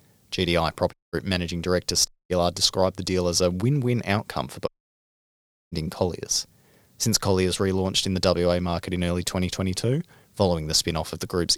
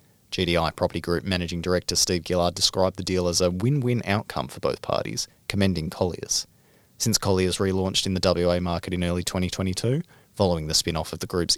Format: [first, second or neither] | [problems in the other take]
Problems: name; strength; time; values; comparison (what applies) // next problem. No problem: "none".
second | audio cutting out; at 1 s, at 2 s and at 4.5 s for 1 s